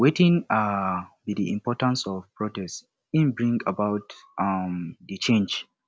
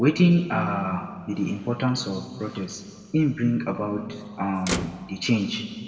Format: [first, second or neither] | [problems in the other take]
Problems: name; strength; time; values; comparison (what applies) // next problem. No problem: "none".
first | background sound (Motor vehicle (road)); 15 dB below the speech // room echo; dies away in 1.6 s